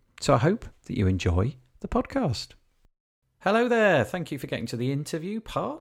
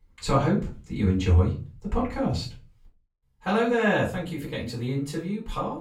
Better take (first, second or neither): first